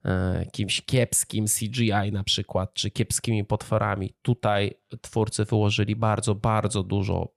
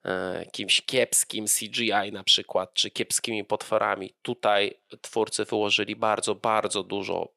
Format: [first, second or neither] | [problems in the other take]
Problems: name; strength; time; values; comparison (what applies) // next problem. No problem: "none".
first | thin; very; fading below 400 Hz